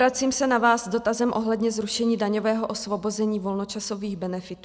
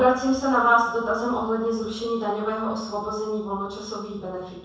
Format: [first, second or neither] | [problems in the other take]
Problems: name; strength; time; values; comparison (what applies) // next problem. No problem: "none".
first | room echo; dies away in 0.7 s